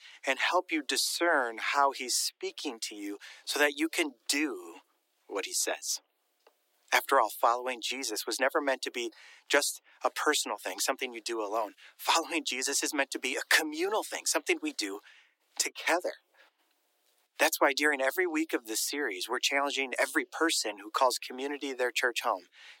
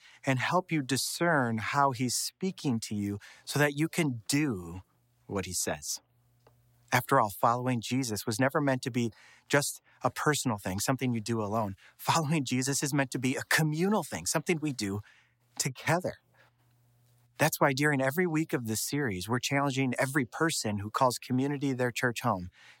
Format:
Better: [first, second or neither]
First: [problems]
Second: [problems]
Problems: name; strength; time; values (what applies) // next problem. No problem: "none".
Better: second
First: thin; somewhat; fading below 300 Hz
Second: none